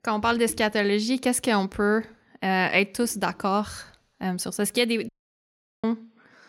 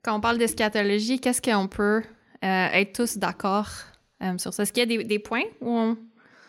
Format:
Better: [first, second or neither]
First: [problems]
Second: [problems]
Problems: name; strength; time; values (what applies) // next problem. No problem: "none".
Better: second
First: audio cutting out; at 5 s for 0.5 s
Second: none